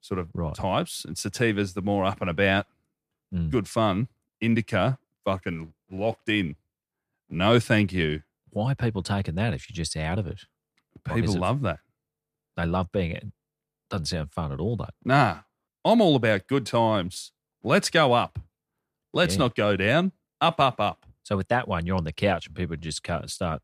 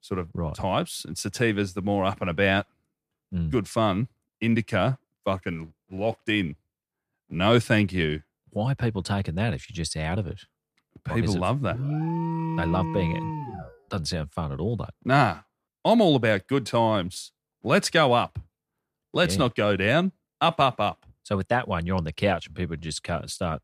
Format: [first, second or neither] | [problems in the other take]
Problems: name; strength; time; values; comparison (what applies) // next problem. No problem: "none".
first | alarm; noticeable; from 12 to 14 s; peak 2 dB below the speech